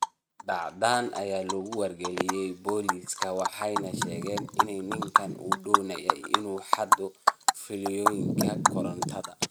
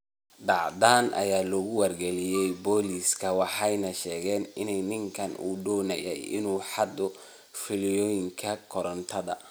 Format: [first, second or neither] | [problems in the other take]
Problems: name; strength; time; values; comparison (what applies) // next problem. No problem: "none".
second | noise reduction (neural mask model RNNoise)